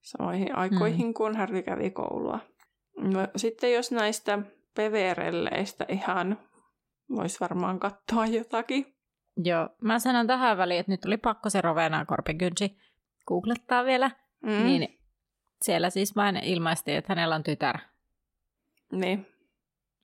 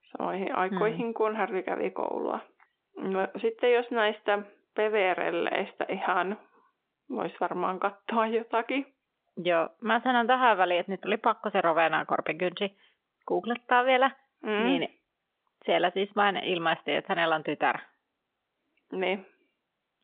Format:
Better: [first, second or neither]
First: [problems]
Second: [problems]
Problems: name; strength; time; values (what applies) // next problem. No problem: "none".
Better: first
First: none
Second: phone-call audio